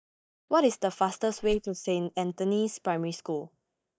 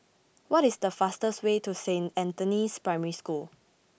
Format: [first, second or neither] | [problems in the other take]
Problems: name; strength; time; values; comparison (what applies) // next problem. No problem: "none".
second | noise reduction (neural mask model DeepFilterNet 3)